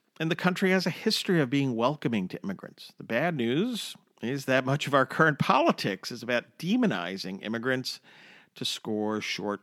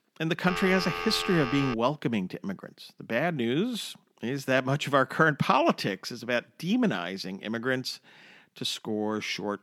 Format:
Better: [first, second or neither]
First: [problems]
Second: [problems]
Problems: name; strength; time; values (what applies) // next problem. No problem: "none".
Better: first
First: none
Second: phone ringing; noticeable; until 2 s; peak 5 dB below the speech